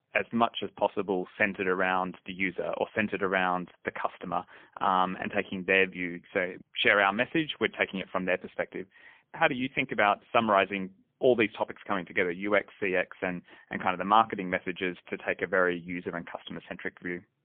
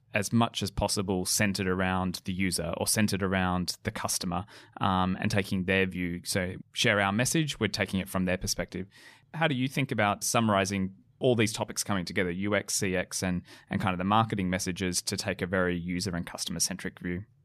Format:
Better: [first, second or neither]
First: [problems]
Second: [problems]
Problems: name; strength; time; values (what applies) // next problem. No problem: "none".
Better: second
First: phone-call audio; poor line; nothing above 3.5 kHz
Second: none